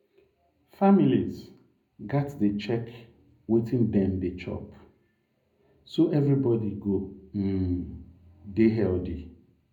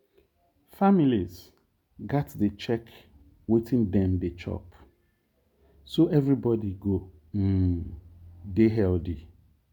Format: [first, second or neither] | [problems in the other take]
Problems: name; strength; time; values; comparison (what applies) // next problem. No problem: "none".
second | room echo; dies away in 0.4 s